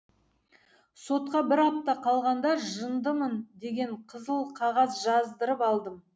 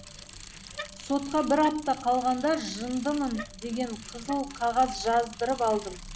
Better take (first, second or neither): first